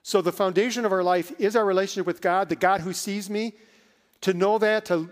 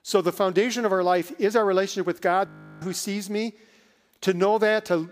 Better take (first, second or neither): first